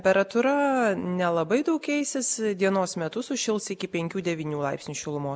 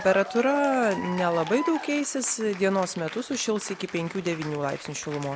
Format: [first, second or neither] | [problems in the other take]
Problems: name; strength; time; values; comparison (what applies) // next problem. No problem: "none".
first | background sound (Applause / Cheering); 12 dB below the speech